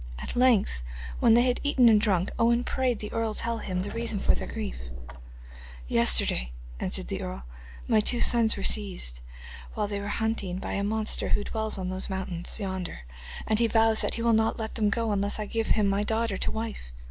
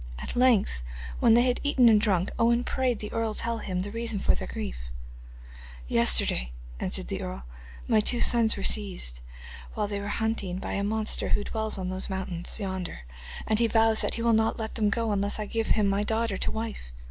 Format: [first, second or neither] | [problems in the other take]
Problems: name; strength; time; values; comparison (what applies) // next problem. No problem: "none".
second | background sound (Sliding door / Wood); 19 dB below the speech